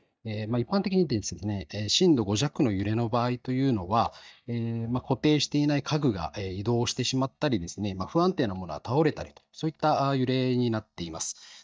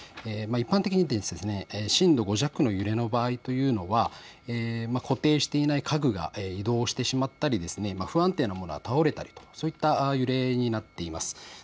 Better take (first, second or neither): second